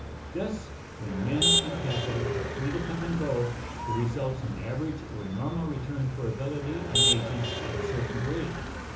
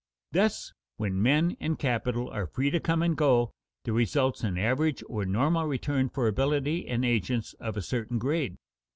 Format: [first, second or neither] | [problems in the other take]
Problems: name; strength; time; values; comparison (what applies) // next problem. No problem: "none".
second | background sound (Motor vehicle (road)); as loud as the speech // room echo; dies away in 0.6 s